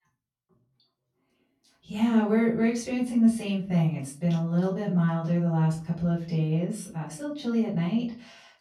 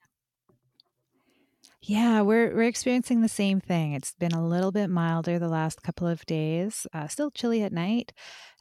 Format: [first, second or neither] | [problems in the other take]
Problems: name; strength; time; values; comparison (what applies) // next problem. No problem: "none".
second | room echo; slight; dies away in 0.4 s // off-mic speech; far